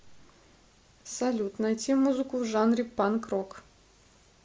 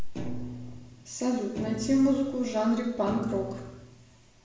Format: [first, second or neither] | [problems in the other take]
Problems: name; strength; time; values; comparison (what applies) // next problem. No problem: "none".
first | background sound (Thump, thud); 11 dB below the speech // room echo; dies away in 0.9 s